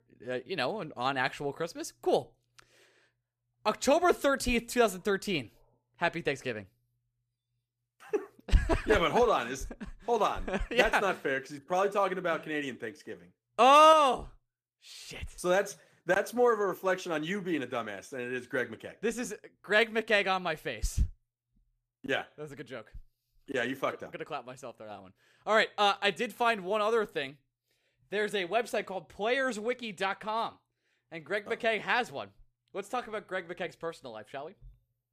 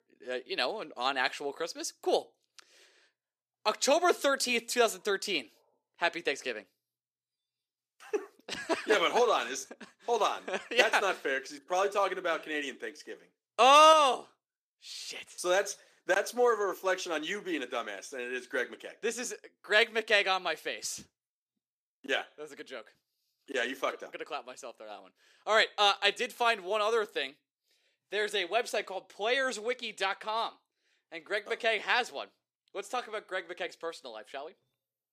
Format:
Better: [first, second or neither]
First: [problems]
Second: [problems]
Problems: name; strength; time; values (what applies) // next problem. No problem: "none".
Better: first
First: none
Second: thin; very slightly; fading below 300 Hz